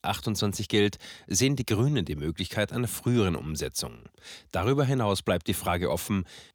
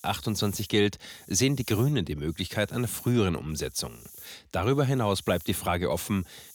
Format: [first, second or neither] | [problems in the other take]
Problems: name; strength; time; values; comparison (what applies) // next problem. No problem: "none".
first | hiss; noticeable; throughout; 20 dB below the speech